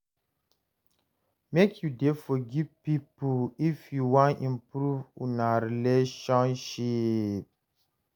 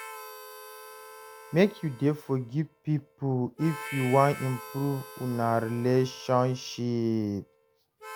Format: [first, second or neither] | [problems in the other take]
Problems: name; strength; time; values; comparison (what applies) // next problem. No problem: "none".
first | background sound (Harmonica); 16 dB below the speech